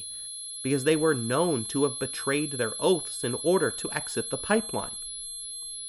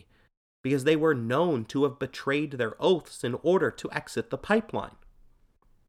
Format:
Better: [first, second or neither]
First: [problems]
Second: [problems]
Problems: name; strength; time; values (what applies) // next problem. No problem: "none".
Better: second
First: high-pitched whine; loud; throughout; 11 kHz, 6 dB below the speech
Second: none